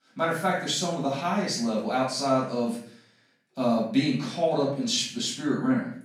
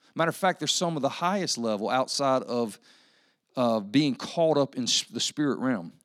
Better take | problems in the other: second | off-mic speech; far // room echo; noticeable; dies away in 0.5 s

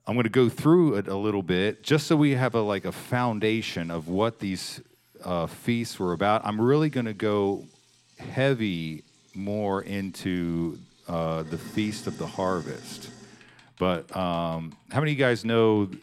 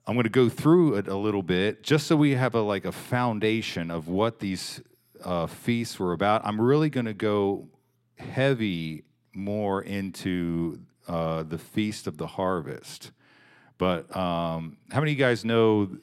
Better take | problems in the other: second | household noises; faint; throughout; 25 dB below the speech

